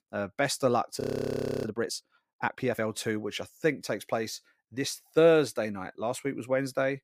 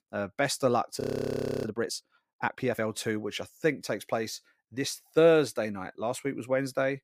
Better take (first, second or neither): neither